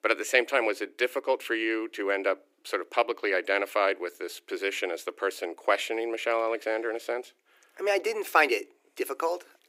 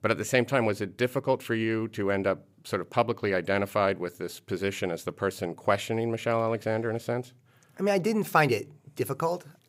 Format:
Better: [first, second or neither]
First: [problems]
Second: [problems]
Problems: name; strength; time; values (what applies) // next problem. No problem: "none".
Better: second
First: thin; very; fading below 300 Hz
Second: none